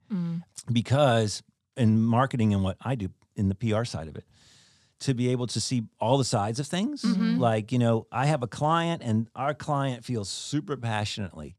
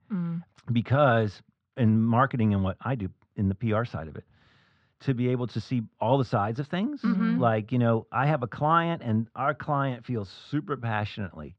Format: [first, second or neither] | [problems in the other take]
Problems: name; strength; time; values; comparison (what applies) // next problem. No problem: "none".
first | muffled; very; fading above 3 kHz